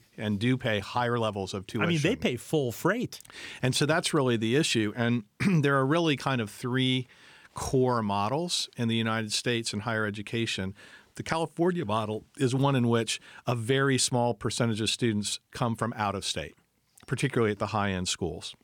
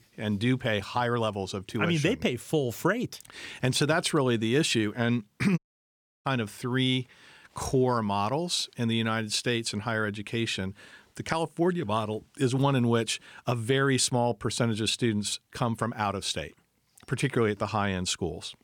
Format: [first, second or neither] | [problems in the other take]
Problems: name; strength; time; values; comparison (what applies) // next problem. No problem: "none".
first | audio cutting out; at 5.5 s for 0.5 s